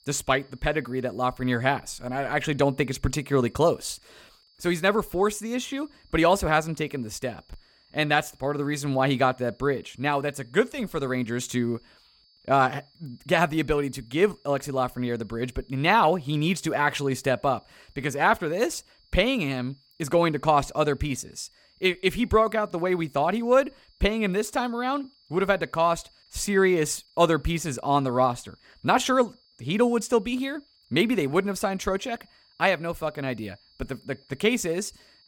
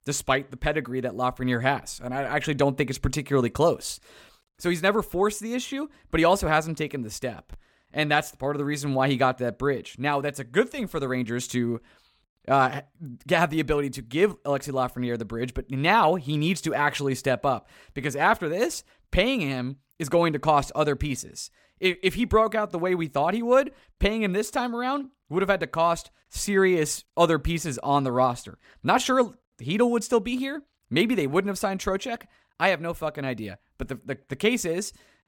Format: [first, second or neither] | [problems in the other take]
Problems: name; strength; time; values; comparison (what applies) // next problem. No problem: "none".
second | high-pitched whine; faint; throughout; 4.5 kHz, 35 dB below the speech